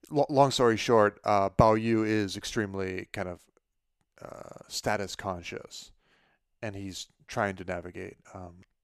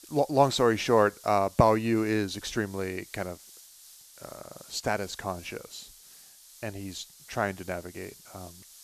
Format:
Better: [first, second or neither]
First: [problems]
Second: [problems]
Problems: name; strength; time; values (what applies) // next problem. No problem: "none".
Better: first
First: none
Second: hiss; faint; throughout; 20 dB below the speech